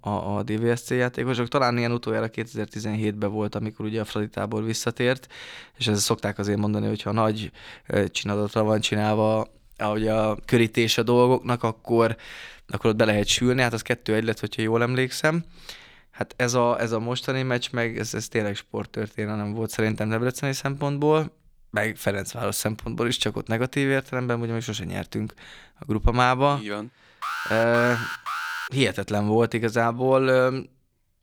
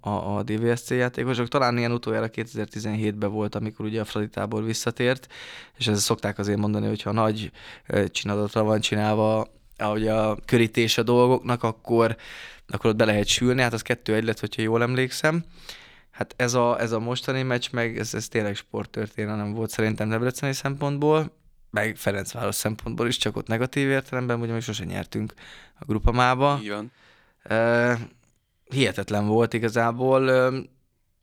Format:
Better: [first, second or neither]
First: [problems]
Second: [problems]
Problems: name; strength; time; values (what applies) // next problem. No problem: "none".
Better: second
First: alarm; noticeable; from 27 to 29 s; peak 4 dB below the speech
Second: none